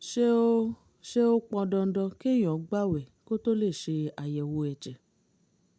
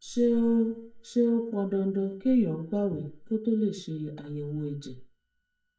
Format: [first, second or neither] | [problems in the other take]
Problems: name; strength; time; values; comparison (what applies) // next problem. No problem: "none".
first | noise reduction (neural mask model DeepFilterNet 3)